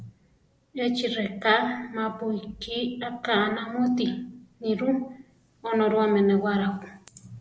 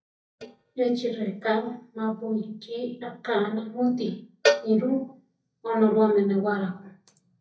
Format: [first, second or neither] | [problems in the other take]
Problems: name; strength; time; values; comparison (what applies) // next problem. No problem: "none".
first | noise reduction (neural mask model DeepFilterNet 3)